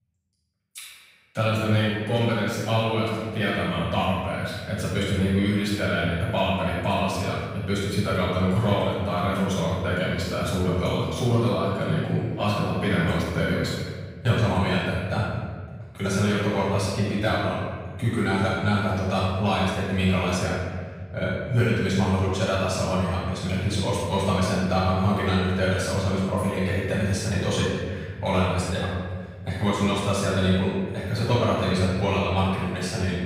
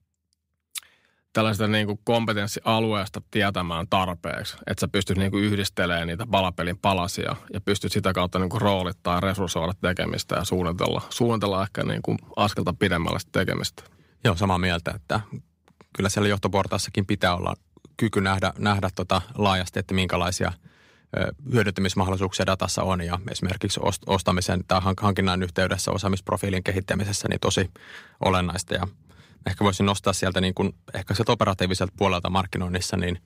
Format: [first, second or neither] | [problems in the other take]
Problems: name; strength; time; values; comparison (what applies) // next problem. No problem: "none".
second | off-mic speech; far // room echo; strong; dies away in 1.7 s